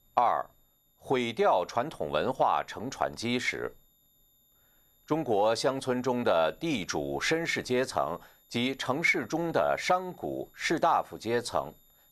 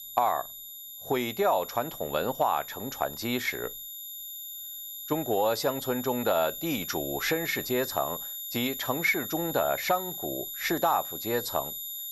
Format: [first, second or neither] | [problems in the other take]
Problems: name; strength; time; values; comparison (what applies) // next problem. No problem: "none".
first | high-pitched whine; loud; throughout; 12 kHz, 7 dB below the speech; faint in the first